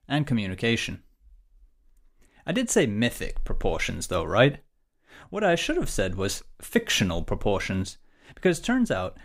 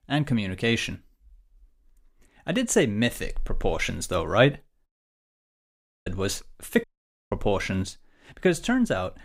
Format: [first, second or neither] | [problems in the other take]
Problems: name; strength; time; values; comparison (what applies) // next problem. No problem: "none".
first | audio cutting out; at 5 s for 1 s and at 7 s